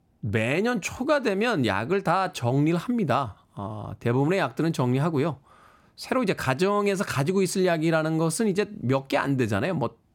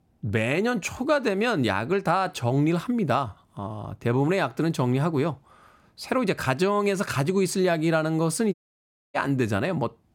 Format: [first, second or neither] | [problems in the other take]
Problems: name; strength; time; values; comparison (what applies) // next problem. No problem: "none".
first | audio cutting out; at 8.5 s for 0.5 s